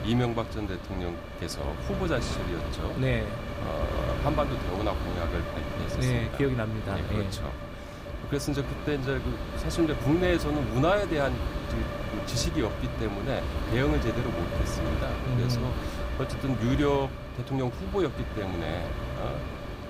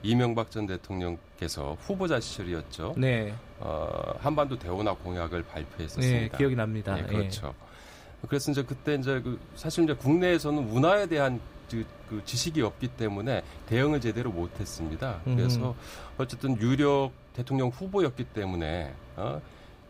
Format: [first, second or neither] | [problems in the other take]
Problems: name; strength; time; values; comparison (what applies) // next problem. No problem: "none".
second | wind noise on the microphone; heavy; 4 dB below the speech; occasional gusts in the second